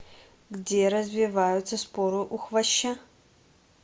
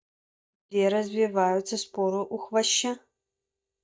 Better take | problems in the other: first | noise reduction (neural mask model DeepFilterNet 3)

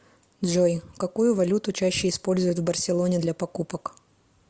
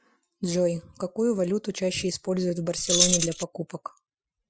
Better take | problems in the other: first | noise reduction (classical method Wiener filter)

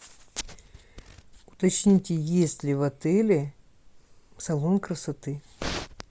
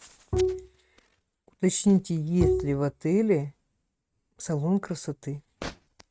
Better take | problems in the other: first | noise reduction (neural mask model RNNoise)

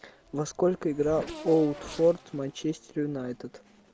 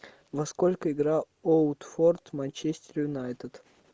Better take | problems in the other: second | background sound (Race car, auto racing / Accelerating, revving, vroom); 17 dB below the speech

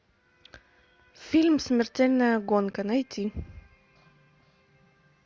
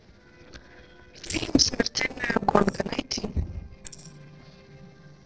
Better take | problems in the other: first | noise reduction (neural separator model SepFormer DNS4)

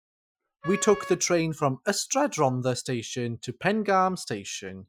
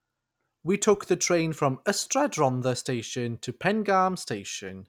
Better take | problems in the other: second | noise reduction (classical method Wiener filter)

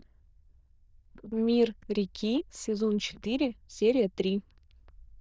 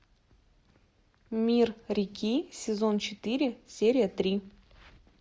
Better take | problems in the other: second | noise reduction (neural diffusion model UNIVERSE++)

